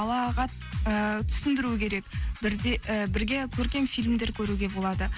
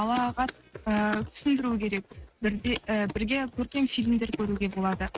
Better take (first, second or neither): first